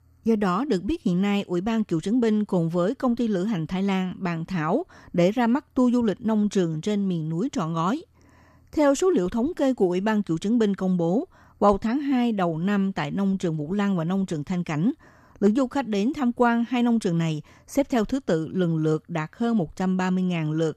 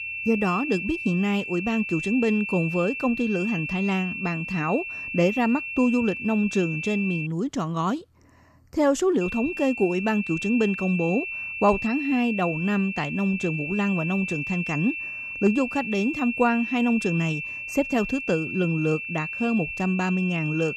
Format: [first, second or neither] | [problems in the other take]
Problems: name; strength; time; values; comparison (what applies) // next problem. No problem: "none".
first | high-pitched whine; loud; until 7.5 s and from 9 s on; 2.5 kHz, 5 dB below the speech